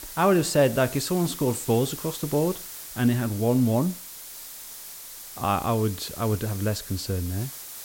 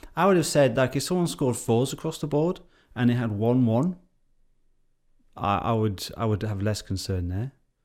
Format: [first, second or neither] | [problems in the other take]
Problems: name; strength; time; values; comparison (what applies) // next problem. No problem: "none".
second | hiss; noticeable; throughout; 10 dB below the speech